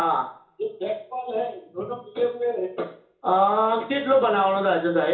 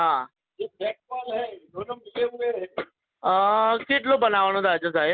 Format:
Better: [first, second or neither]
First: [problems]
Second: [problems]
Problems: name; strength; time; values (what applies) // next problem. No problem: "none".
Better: second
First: room echo; dies away in 0.7 s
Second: none